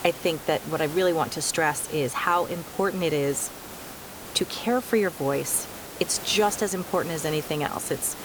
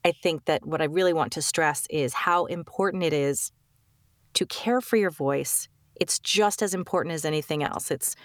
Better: second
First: hiss; noticeable; throughout; 10 dB below the speech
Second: none

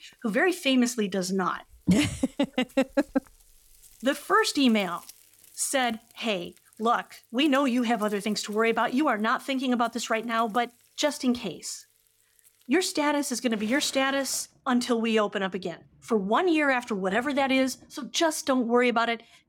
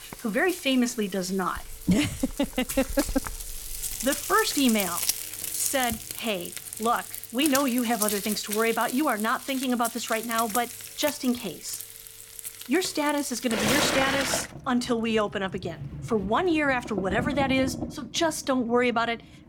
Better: first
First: household noises; faint; throughout; 25 dB below the speech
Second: household noises; loud; throughout; 5 dB below the speech

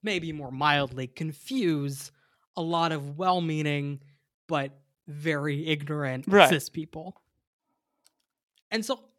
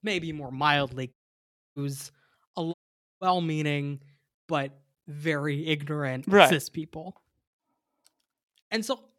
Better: first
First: none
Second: audio cutting out; at 1 s for 0.5 s and at 2.5 s

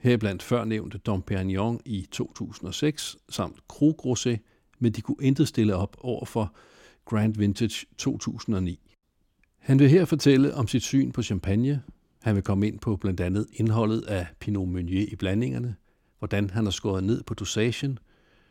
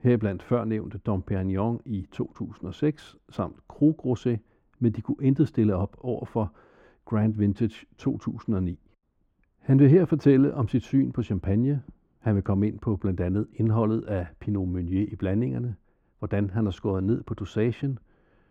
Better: first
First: none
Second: muffled; very; fading above 2.5 kHz

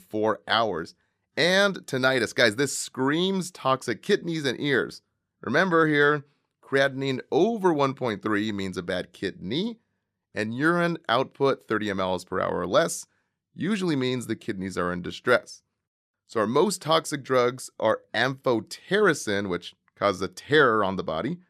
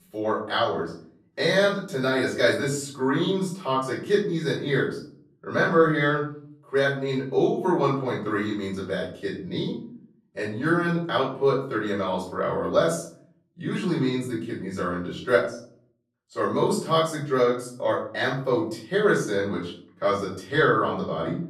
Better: first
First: none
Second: room echo; noticeable; dies away in 0.5 s // off-mic speech; far

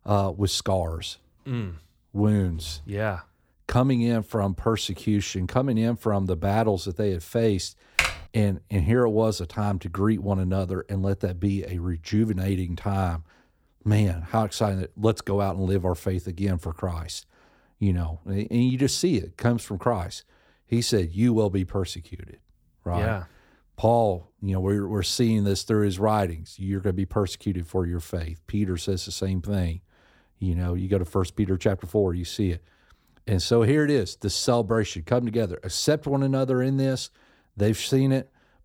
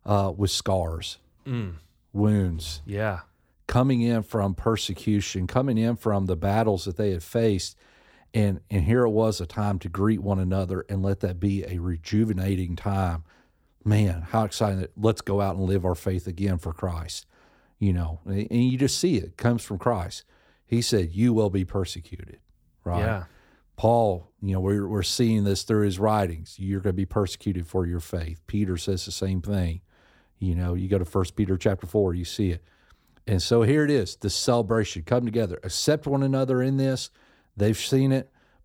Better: second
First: keyboard typing; loud; at 8 s; peak 1 dB above the speech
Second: none

